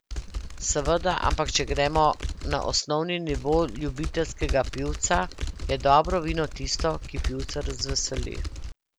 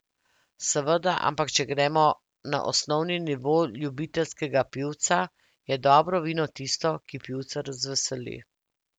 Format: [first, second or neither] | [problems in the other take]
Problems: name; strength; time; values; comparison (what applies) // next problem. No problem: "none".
second | background sound (Typing); 5 dB below the speech